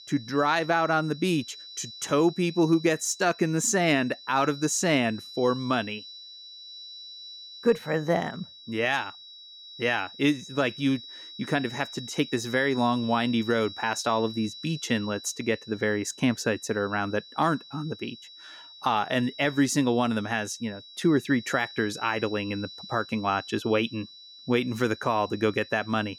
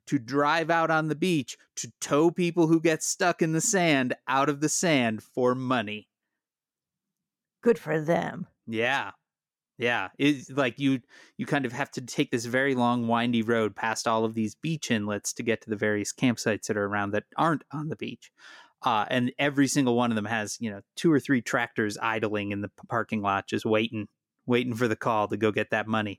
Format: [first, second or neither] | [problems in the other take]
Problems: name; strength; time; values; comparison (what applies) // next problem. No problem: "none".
second | high-pitched whine; noticeable; throughout; 4 kHz, 15 dB below the speech